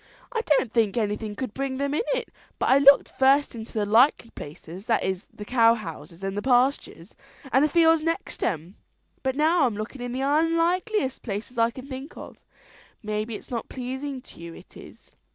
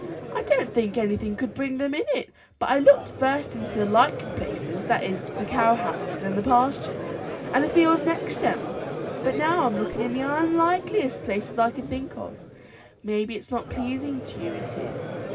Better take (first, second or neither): first